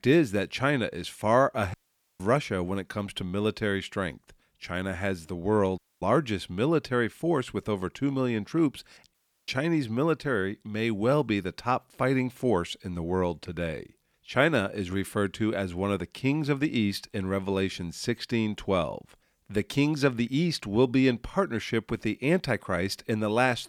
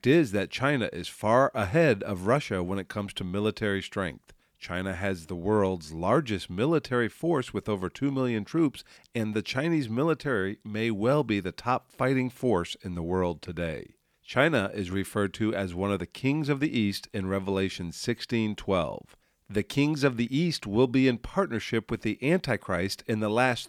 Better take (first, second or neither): second